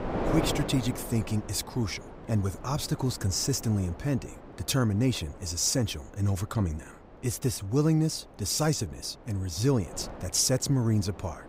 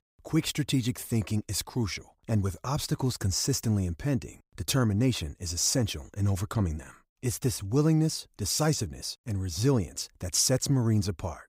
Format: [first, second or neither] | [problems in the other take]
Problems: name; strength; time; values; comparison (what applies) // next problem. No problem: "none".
second | wind noise on the microphone; heavy; 9 dB below the speech